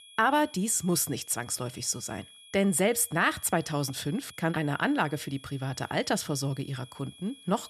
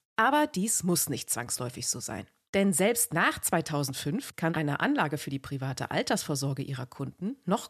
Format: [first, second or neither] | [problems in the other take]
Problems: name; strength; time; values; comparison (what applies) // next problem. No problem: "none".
second | high-pitched whine; faint; throughout; 3.5 kHz, 20 dB below the speech